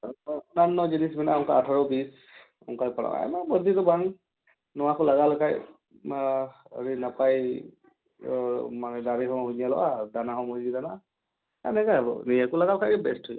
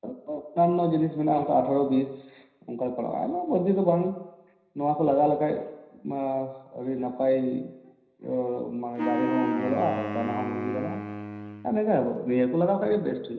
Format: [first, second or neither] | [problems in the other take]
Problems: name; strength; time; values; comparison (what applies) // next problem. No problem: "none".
first | background sound (Wind instrument, woodwind instrument); 6 dB below the speech // room echo; dies away in 0.9 s